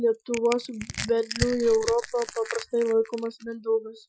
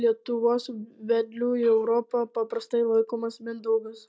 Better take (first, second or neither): second